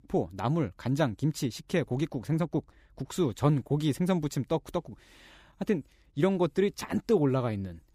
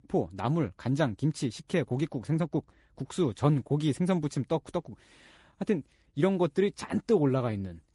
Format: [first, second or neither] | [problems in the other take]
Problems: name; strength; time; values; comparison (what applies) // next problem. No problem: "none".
first | garbled, watery; slightly; nothing above 11 kHz